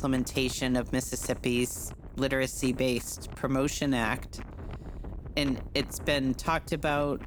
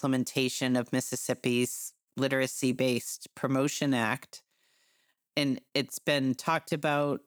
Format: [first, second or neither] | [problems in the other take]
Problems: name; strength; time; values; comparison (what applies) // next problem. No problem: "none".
second | wind noise on the microphone; occasional gusts; 20 dB below the speech